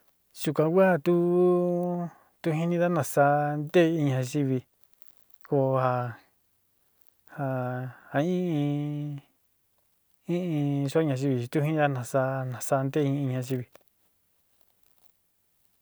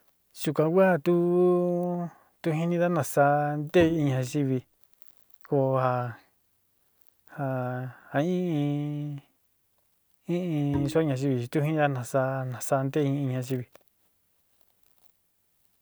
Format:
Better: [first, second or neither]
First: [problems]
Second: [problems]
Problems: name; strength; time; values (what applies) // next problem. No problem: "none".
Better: first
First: none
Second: background sound (Bowed string instrument); 12 dB below the speech